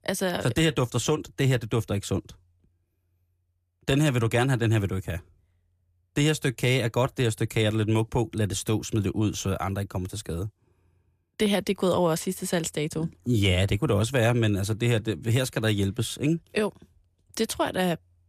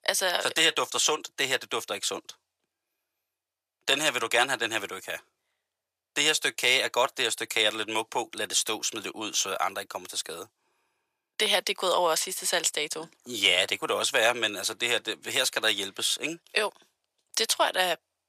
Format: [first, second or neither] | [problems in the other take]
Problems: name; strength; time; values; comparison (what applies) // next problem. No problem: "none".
first | thin; very; fading below 750 Hz